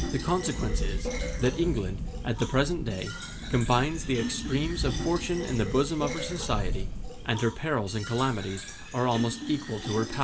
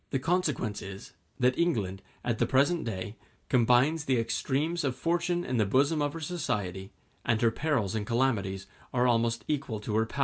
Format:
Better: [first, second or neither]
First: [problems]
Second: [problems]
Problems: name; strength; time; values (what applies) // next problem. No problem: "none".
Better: second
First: background sound (Thunderstorm + Fill (with liquid)); 4 dB below the speech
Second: none